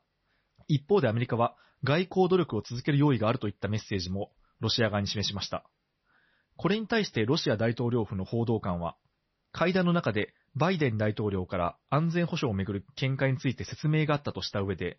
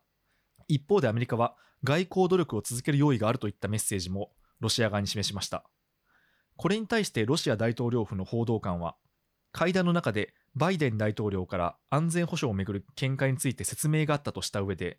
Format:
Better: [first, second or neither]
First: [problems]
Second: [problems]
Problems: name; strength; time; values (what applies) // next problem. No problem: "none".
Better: second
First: garbled, watery; slightly; nothing above 6 kHz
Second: none